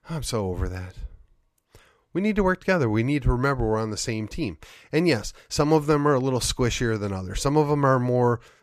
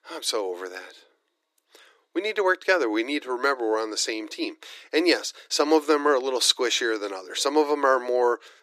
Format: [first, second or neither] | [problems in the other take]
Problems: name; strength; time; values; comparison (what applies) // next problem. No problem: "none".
first | thin; very; fading below 300 Hz